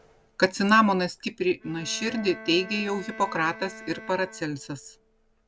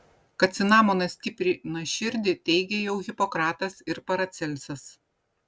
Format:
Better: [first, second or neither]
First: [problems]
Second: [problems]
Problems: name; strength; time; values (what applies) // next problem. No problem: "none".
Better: second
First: background sound (Bowed string instrument); 18 dB below the speech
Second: none